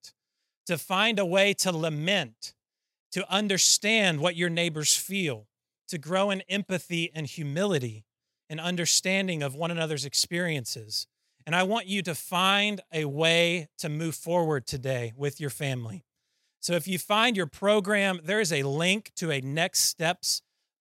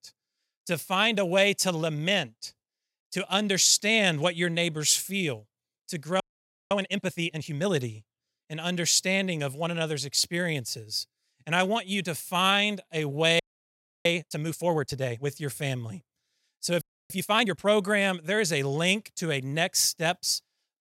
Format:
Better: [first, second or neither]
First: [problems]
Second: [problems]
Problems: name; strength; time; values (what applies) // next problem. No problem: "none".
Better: first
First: none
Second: audio freezing; at 6 s for 0.5 s, at 13 s for 0.5 s and at 17 s